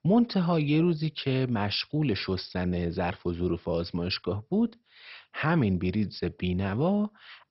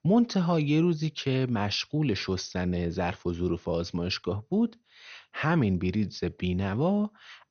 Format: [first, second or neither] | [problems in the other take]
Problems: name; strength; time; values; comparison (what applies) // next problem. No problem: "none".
second | garbled, watery; badly; nothing above 5.5 kHz; slightly in the second